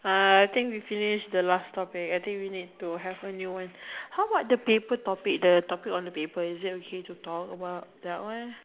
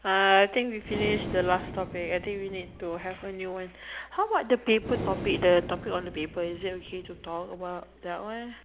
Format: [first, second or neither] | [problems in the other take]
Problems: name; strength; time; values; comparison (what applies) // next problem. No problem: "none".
first | background sound (Breathing); 11 dB below the speech